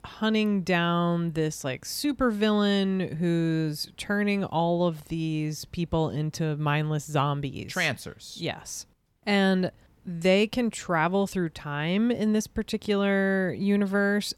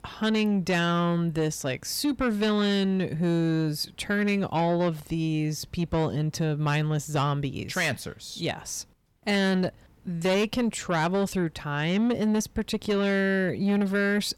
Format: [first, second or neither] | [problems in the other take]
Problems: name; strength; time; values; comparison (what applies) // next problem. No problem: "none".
first | distortion; slight; 10 dB below the speech